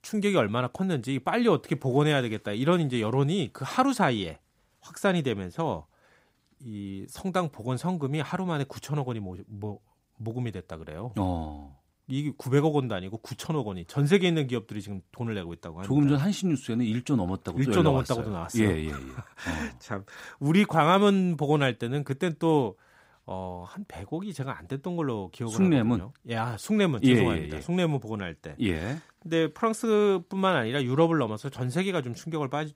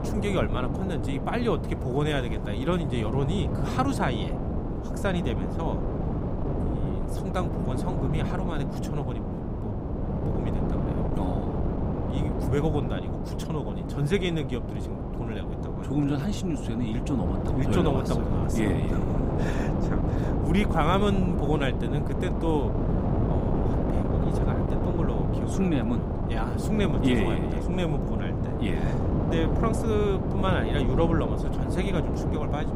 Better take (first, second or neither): first